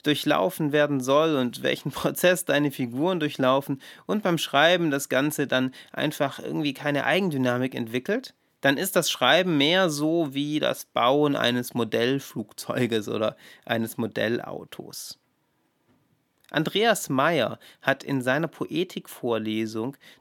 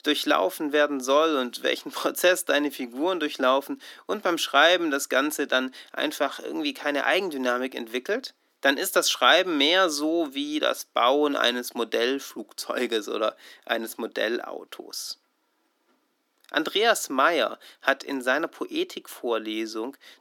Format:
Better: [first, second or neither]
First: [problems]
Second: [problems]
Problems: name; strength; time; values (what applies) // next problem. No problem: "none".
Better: first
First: none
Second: thin; very slightly; fading below 300 Hz